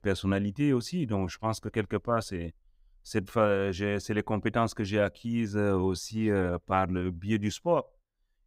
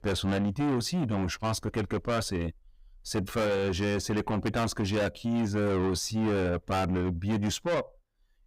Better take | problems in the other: first | distortion; heavy; 6 dB below the speech

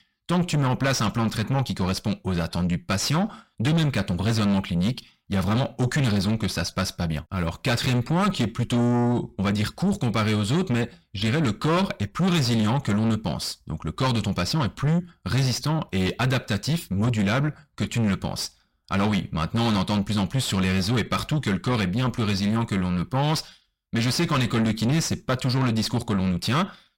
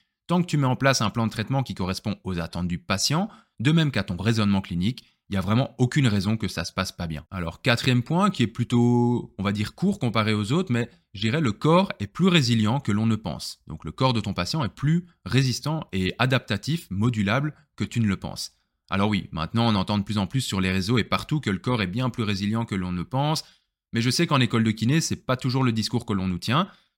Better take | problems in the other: second | distortion; heavy; 7 dB below the speech

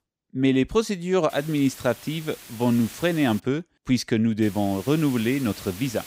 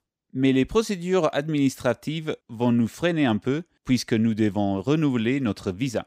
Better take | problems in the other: second | hiss; noticeable; from 1.5 to 3.5 s and from 4.5 s on; 15 dB below the speech

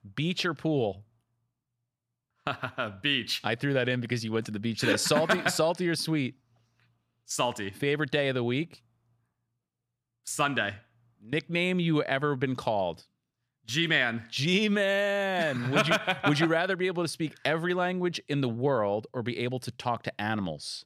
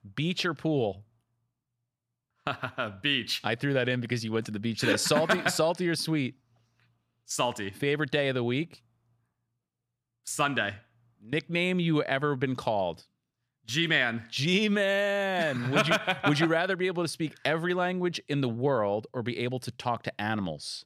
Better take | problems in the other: neither | none

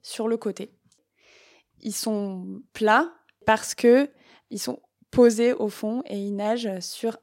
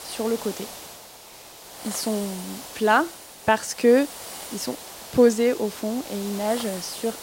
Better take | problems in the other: first | hiss; noticeable; throughout; 15 dB below the speech

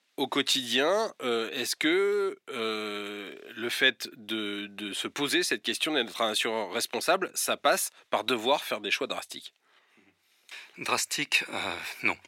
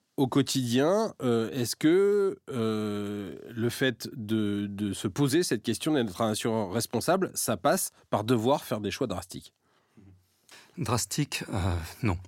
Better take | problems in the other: second | thin; somewhat; fading below 400 Hz

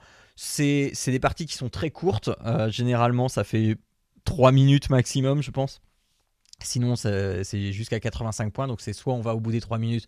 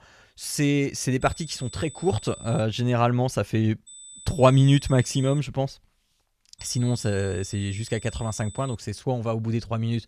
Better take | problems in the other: first | high-pitched whine; noticeable; from 1 to 2.5 s, from 4 to 5.5 s and from 6.5 to 9 s; 8 kHz, 15 dB below the speech

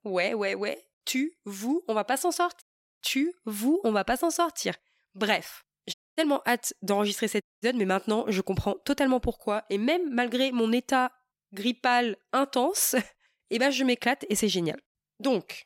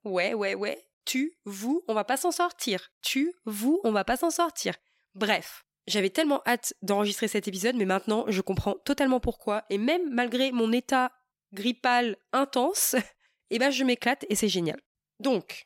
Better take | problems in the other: second | audio cutting out; at 2.5 s, at 6 s and at 7.5 s

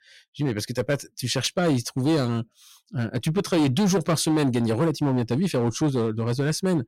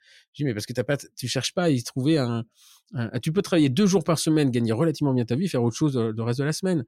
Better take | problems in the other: second | distortion; slight; 10% of the sound clipped

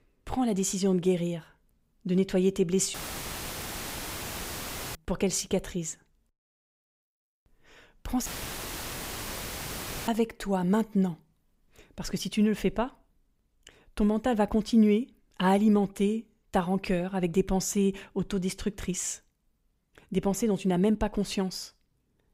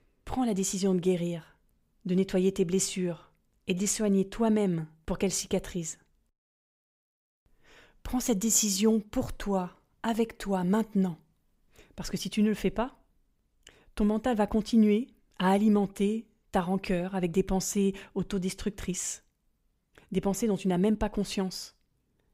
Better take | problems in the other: second | audio cutting out; filled with static; at 3 s for 2 s and at 8.5 s for 2 s

